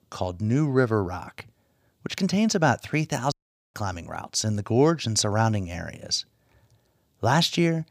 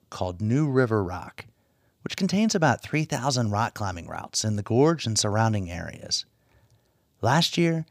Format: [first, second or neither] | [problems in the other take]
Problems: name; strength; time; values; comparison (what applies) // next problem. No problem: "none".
second | audio cutting out; at 3.5 s